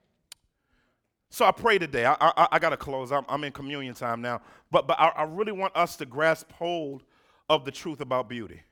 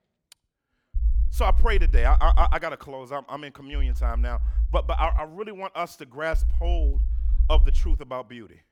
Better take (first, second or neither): first